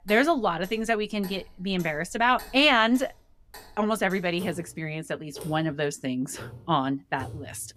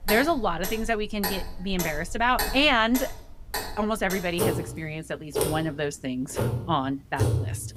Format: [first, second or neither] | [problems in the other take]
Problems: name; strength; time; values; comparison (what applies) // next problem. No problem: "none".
first | household noises; loud; throughout; 5 dB below the speech; faint in the first